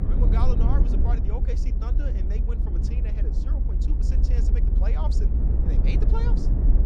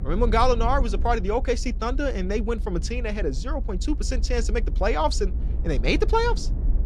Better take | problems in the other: second | low rumble; loud; throughout; 1 dB below the speech; faint in the second

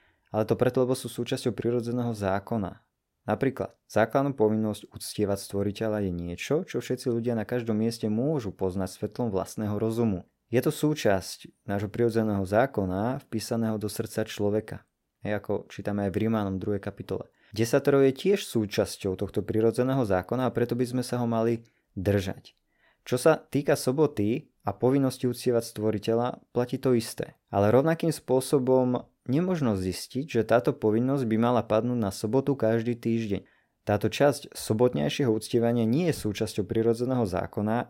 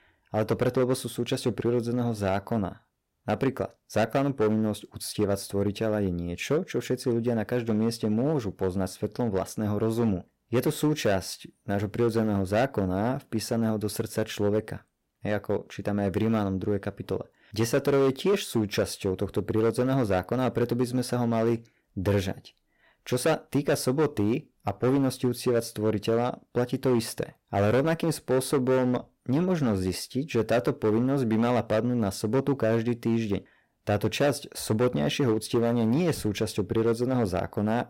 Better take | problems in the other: first | distortion; slight; 7% of the sound clipped

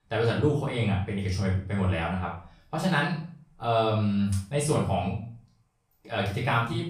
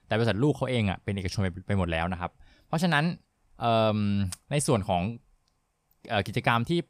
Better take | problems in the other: second | off-mic speech; far // room echo; noticeable; dies away in 0.4 s

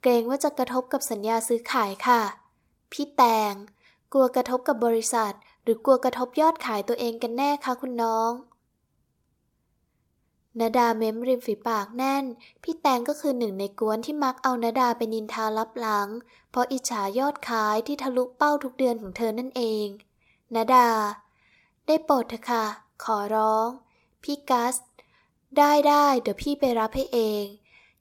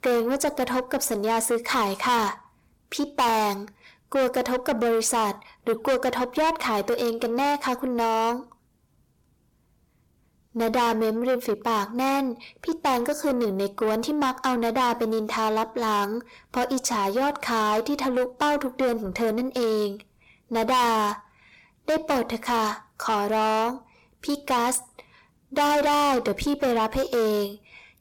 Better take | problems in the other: first | distortion; heavy; 7 dB below the speech

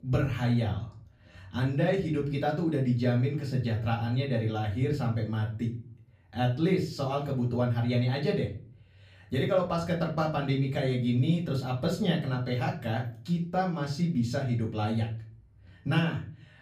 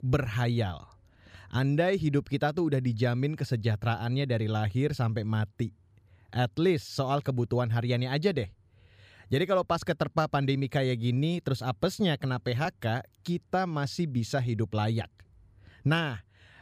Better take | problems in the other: second | off-mic speech; far // room echo; slight; dies away in 0.4 s

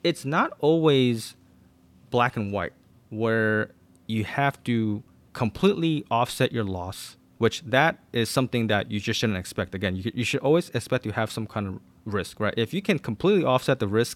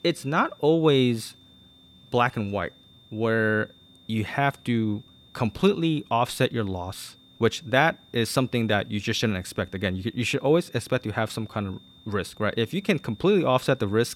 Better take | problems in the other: first | high-pitched whine; faint; throughout; 3.5 kHz, 30 dB below the speech

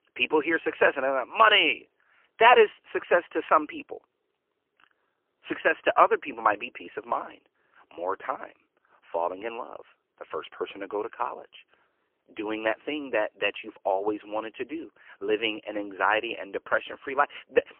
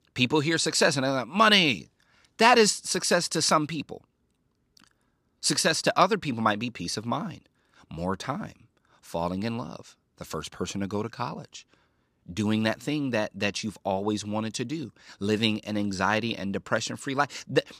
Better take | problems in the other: second | phone-call audio; poor line; nothing above 3 kHz

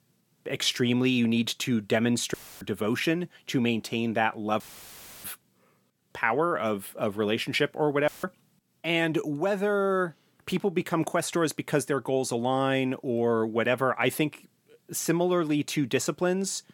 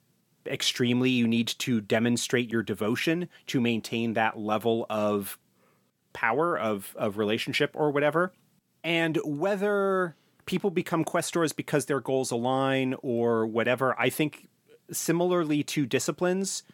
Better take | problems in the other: second | audio cutting out; filled with static; at 2.5 s, at 4.5 s for 0.5 s and at 8 s

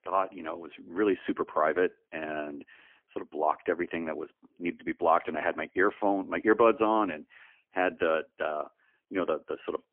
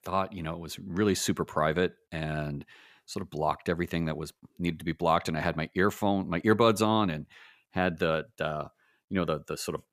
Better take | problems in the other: second | phone-call audio; poor line; nothing above 3 kHz

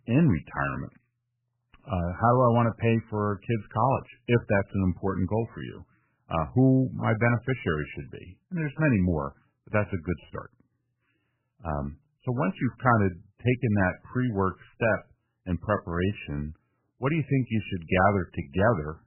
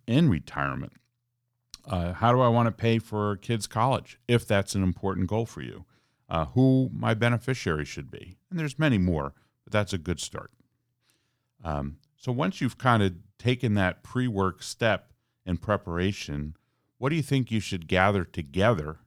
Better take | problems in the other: second | garbled, watery; badly; nothing above 3 kHz

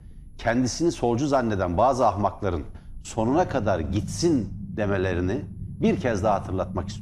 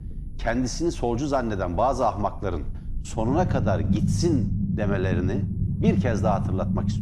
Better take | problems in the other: first | low rumble; loud; throughout; 9 dB below the speech; faint in the first

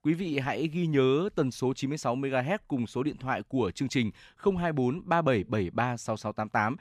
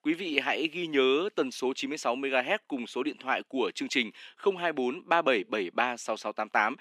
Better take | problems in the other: first | thin; somewhat; fading below 300 Hz

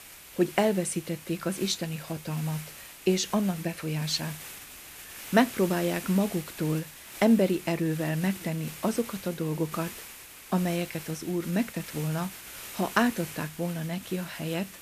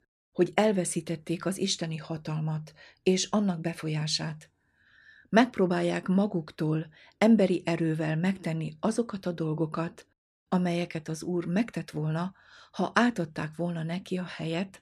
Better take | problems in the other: second | hiss; noticeable; throughout; 10 dB below the speech

